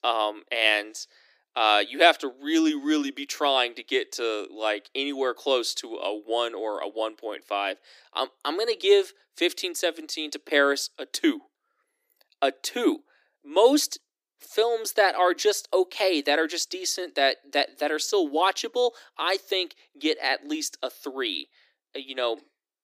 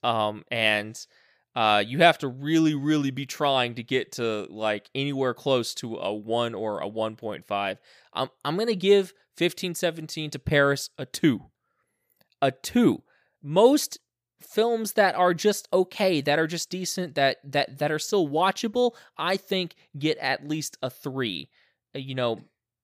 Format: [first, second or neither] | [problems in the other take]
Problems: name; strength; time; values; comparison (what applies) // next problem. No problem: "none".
second | thin; very slightly; fading below 300 Hz